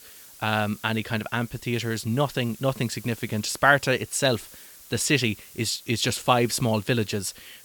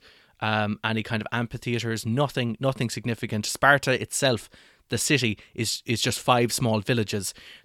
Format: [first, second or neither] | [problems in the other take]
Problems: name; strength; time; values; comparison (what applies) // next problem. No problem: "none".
second | hiss; noticeable; throughout; 20 dB below the speech